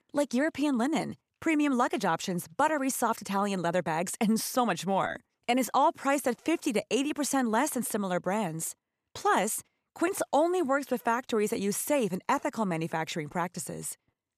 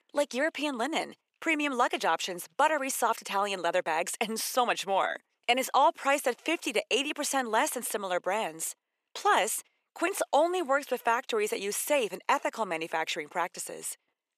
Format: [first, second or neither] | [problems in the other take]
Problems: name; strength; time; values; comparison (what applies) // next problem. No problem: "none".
first | thin; somewhat; fading below 500 Hz